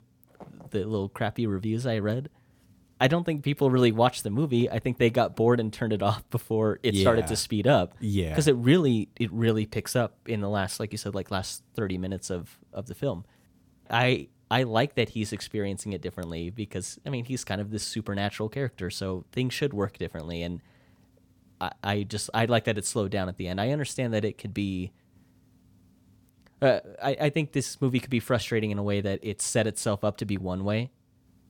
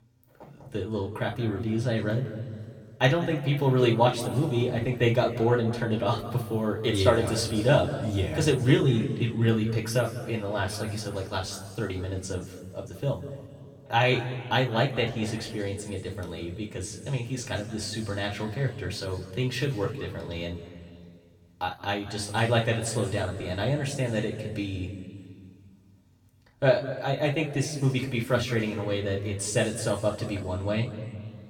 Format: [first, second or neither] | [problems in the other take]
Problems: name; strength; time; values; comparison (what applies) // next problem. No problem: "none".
first | room echo; noticeable; dies away in 1.9 s // off-mic speech; somewhat distant